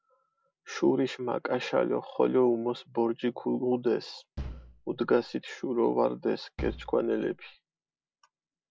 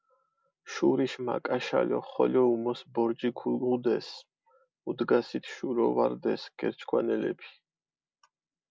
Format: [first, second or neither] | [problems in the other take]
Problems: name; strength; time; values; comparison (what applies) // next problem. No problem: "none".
second | background sound (Bass drum); 12 dB below the speech